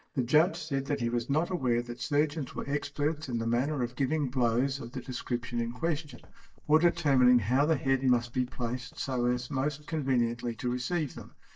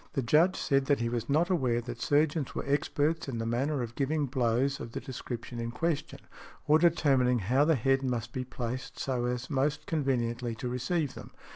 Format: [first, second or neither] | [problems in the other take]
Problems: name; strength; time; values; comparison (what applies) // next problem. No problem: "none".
second | noise reduction (neural mask model DeepFilterNet 3)